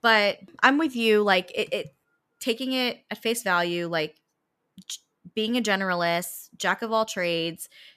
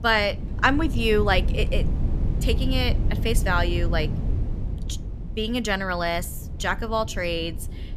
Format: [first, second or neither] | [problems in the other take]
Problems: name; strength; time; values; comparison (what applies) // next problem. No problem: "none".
first | wind noise on the microphone; occasional gusts; 15 dB below the speech